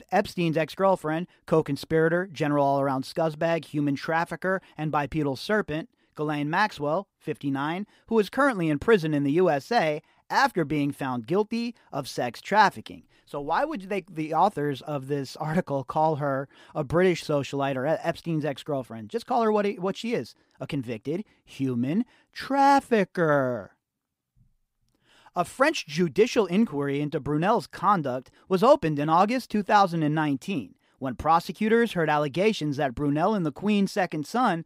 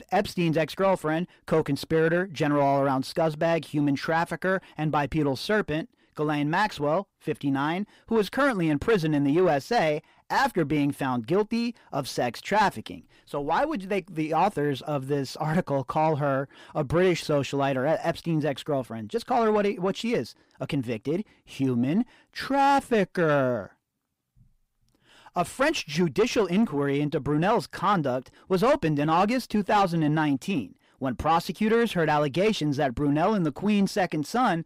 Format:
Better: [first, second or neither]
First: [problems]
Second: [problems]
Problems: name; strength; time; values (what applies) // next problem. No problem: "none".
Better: first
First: none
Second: distortion; slight; 10 dB below the speech